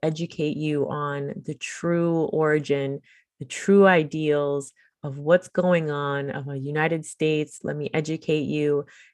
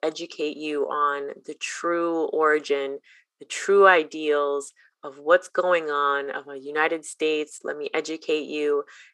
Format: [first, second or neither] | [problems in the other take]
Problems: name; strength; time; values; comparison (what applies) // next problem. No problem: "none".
first | thin; very; fading below 350 Hz